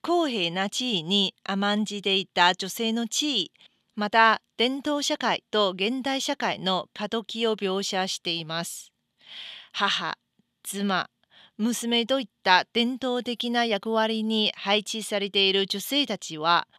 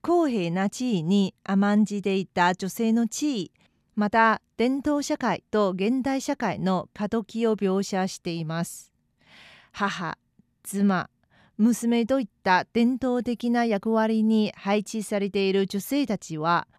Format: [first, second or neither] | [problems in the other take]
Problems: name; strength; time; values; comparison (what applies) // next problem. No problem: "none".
second | thin; very slightly; fading below 900 Hz